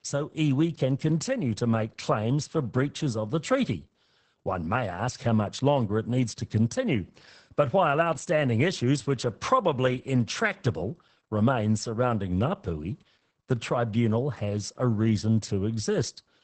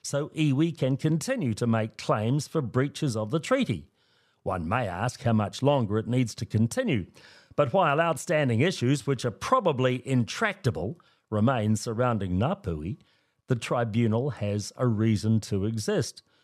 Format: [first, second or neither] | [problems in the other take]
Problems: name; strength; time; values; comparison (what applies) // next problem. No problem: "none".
second | garbled, watery; badly; nothing above 8 kHz